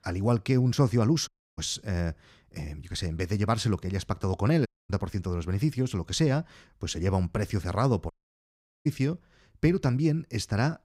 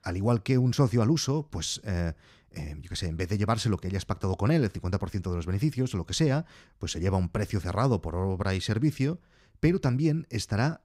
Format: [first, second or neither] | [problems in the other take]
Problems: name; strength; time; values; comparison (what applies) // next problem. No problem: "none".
second | audio cutting out; at 1.5 s, at 4.5 s and at 8 s for 1 s